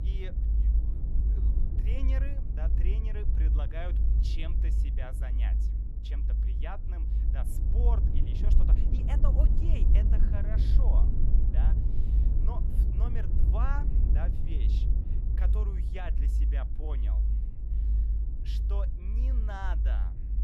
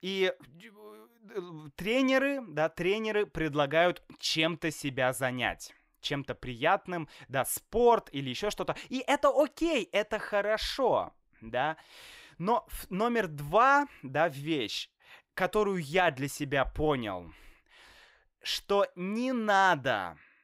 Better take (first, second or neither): second